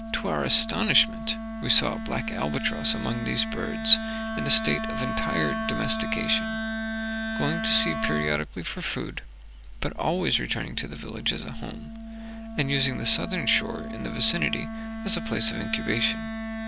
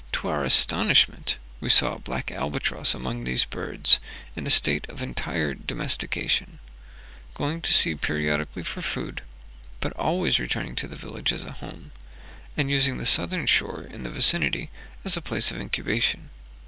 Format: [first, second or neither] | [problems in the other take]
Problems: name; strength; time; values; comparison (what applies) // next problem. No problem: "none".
second | background sound (Wind instrument, woodwind instrument); 4 dB below the speech